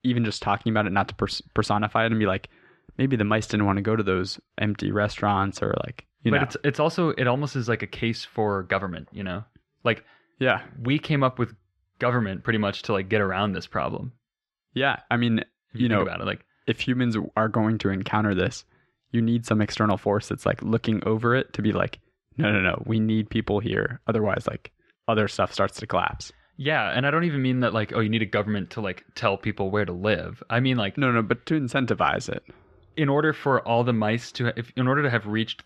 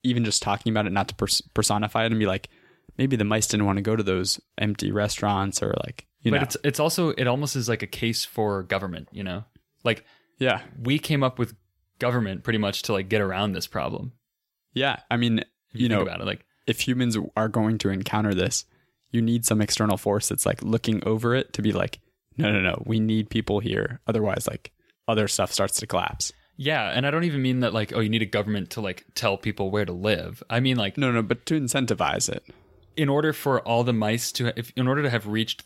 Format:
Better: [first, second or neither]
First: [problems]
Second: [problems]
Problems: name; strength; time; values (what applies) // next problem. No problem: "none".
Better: second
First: muffled; slightly; fading above 3 kHz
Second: none